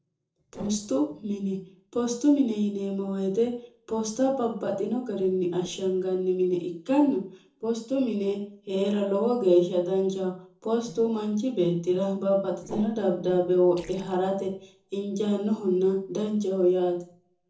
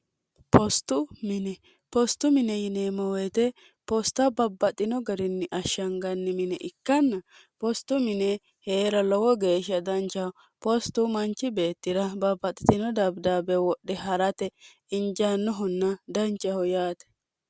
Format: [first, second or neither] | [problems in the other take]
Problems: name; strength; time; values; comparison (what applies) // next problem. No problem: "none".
second | noise reduction (neural separator model SepFormer DNS4)